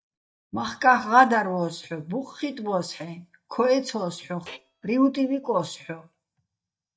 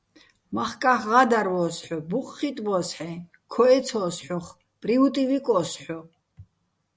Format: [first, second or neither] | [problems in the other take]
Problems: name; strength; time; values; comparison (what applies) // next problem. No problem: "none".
second | noise reduction (neural mask model DeepFilterNet 3)